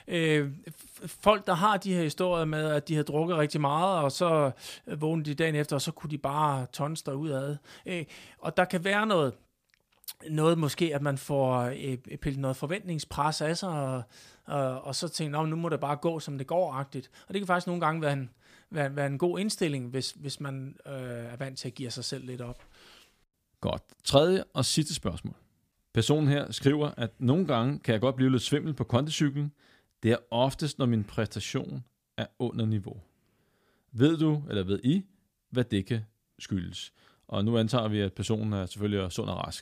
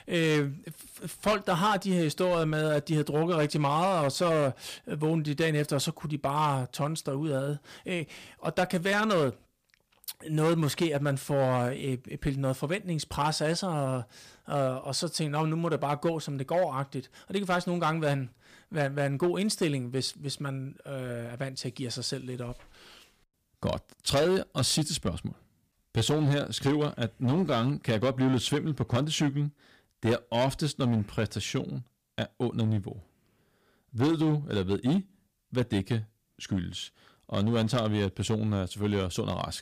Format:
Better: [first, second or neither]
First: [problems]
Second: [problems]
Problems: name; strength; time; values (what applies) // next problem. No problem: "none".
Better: first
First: none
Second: distortion; slight; 6% of the sound clipped